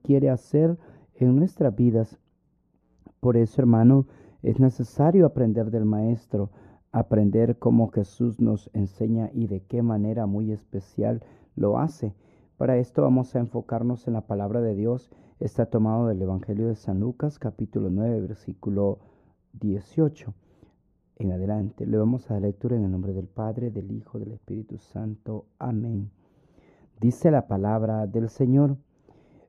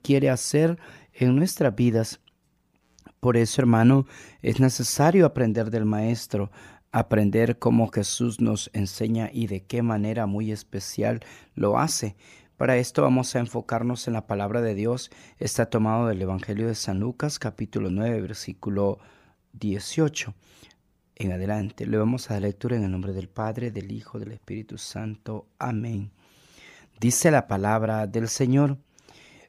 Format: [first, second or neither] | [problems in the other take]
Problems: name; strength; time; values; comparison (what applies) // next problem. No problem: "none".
second | muffled; very; fading above 1.5 kHz